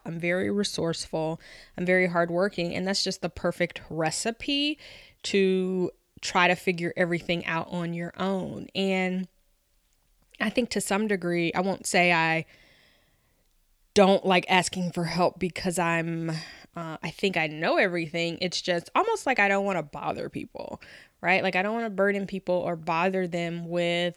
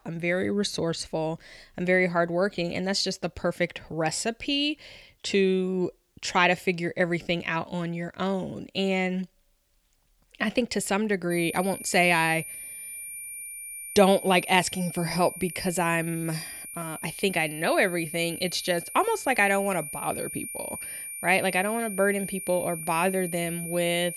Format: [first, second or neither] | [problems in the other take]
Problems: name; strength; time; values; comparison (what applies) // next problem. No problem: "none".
first | high-pitched whine; loud; from 11 s on; 9.5 kHz, 9 dB below the speech